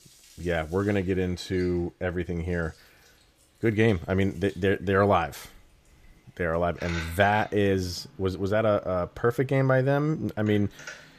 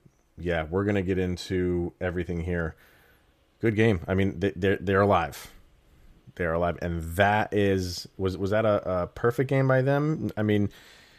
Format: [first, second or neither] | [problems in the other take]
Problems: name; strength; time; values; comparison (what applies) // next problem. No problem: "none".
second | household noises; noticeable; throughout; 20 dB below the speech